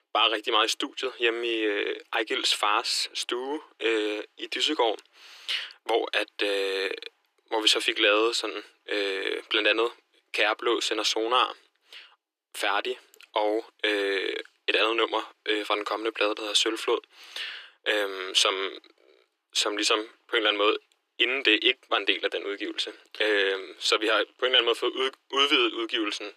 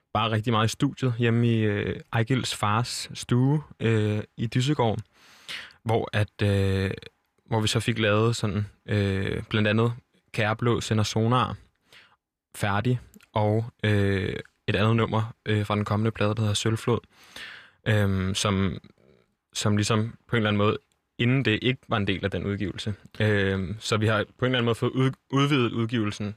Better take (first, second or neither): second